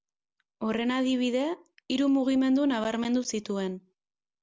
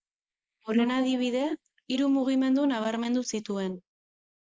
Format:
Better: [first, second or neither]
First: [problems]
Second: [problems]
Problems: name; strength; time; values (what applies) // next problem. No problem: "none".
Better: first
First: none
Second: noise reduction (neural mask model Resemble Enhance denoiser)